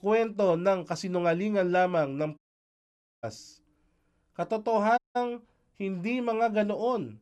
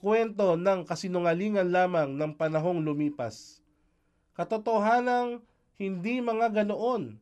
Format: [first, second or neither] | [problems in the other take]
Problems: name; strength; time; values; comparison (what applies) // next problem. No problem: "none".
second | audio cutting out; at 2.5 s for 1 s and at 5 s